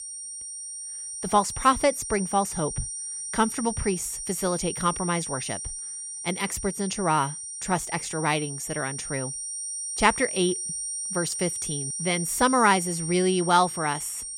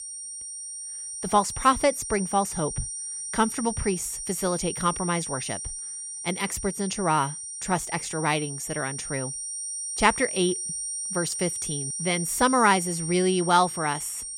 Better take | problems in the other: neither | high-pitched whine; loud; throughout; 9 kHz, 5 dB below the speech; the same in both

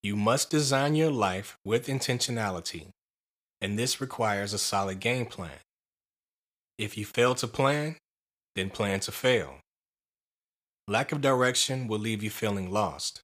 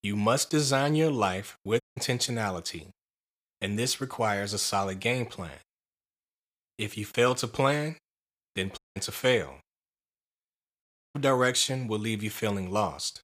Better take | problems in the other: first | audio cutting out; at 2 s, at 9 s and at 11 s

